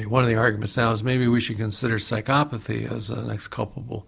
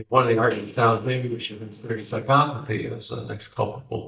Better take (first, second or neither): first